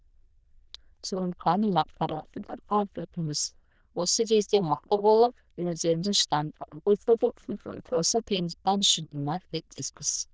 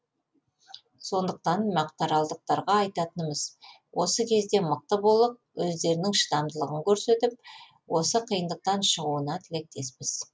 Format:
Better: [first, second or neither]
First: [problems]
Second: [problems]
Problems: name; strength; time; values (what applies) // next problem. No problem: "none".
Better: second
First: noise reduction (neural diffusion model UNIVERSE++)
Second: none